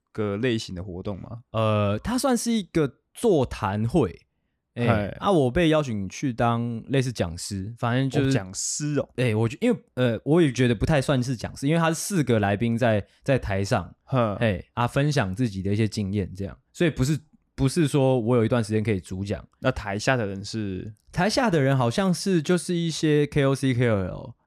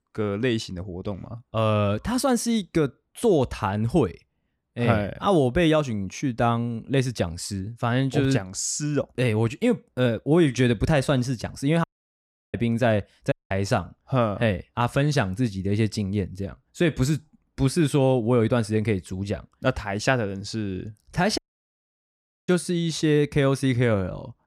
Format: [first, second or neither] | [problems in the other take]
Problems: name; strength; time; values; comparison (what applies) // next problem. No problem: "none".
first | audio cutting out; at 12 s for 0.5 s, at 13 s and at 21 s for 1 s